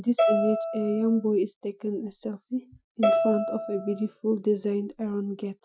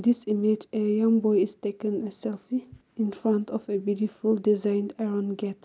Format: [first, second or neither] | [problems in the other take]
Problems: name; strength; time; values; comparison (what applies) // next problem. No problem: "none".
second | noise reduction (classical method Wiener filter)